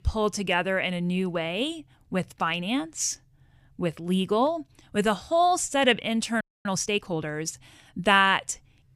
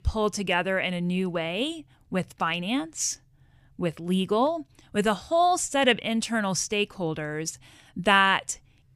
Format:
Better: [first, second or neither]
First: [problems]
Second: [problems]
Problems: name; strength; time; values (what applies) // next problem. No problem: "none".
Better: second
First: audio freezing; at 6.5 s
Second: none